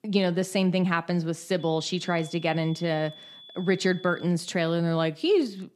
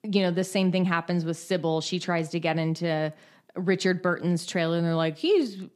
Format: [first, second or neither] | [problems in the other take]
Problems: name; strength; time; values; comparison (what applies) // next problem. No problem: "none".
second | high-pitched whine; noticeable; from 1.5 to 4.5 s; 3.5 kHz, 20 dB below the speech